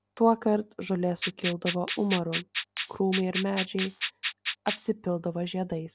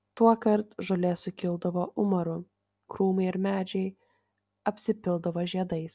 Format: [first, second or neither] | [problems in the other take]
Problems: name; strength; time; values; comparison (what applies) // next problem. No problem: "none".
second | background sound (Rattle (instrument)); 5 dB below the speech